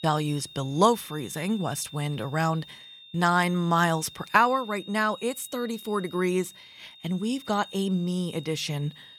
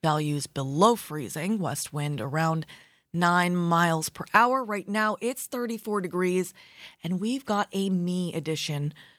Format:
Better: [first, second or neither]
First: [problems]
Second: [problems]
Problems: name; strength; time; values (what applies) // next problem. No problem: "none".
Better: second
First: high-pitched whine; noticeable; throughout; 3.5 kHz, 20 dB below the speech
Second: none